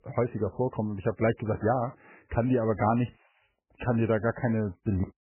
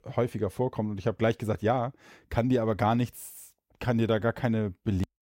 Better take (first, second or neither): second